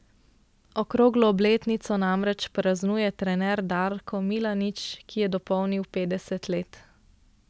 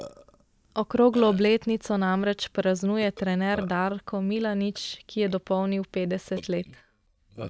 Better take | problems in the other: first | noise reduction (neural mask model DeepFilterNet 3)

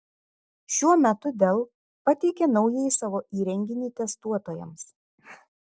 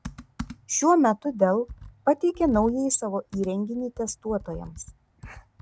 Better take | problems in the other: first | background sound (Computer keyboard); 18 dB below the speech

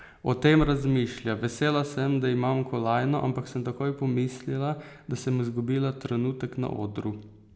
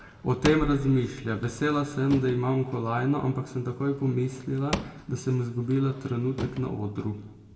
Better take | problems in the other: first | background sound (Drawer open or close / Wood); 13 dB below the speech // room echo; dies away in 1.3 s

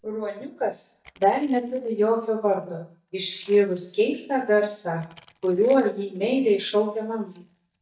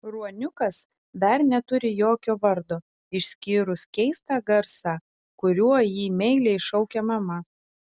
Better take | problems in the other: second | noise reduction (neural mask model DeepFilterNet 3)

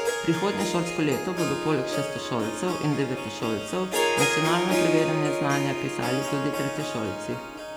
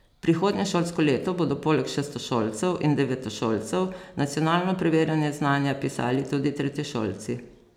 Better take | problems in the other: second | background sound (Harp); 1 dB below the speech

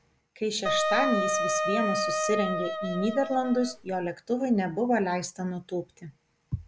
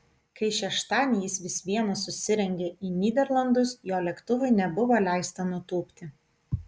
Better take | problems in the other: second | background sound (Wind instrument, woodwind instrument); as loud as the speech

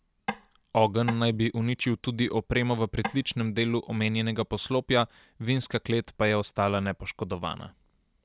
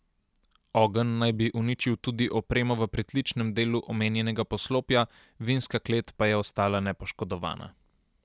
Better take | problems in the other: second | background sound (Tap / Wood); 10 dB below the speech

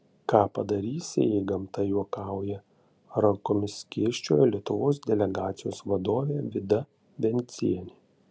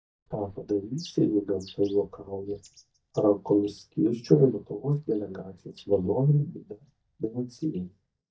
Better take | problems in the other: first | noise reduction (neural mask model DeepFilterNet 3)

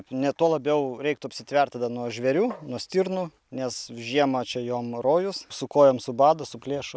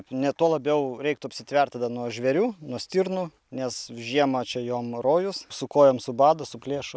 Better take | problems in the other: second | background sound (Tap); 18 dB below the speech

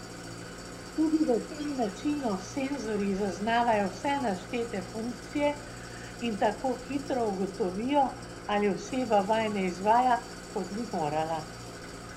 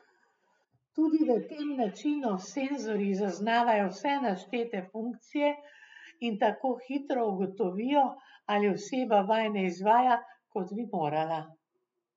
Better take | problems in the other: second | background sound (Idling); 12 dB below the speech

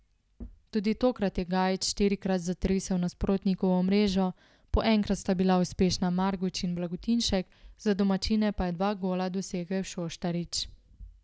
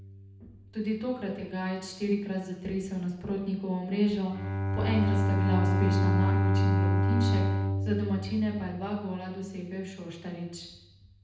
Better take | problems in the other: first | background sound (Bowed string instrument); 3 dB above the speech // room echo; dies away in 0.9 s

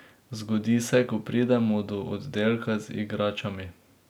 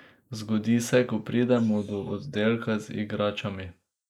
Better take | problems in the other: first | noise reduction (neural mask model Resemble Enhance denoiser)

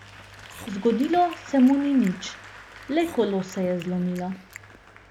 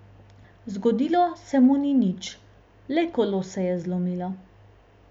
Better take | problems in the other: second | background sound (Chewing, mastication + Applause / Crowd); 19 dB below the speech

